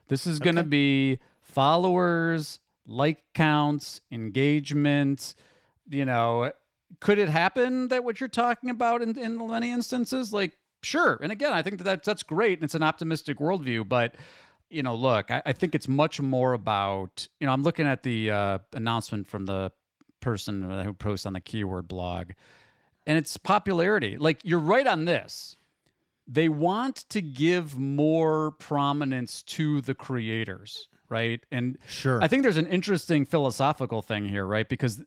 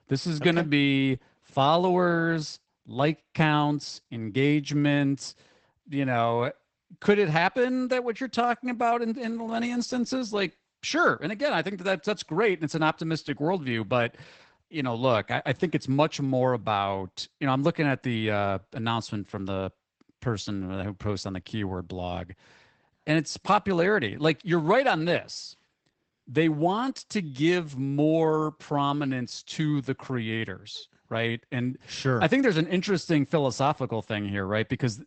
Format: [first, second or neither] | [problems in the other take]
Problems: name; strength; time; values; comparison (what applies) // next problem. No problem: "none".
first | garbled, watery; badly; nothing above 8 kHz; slightly in the first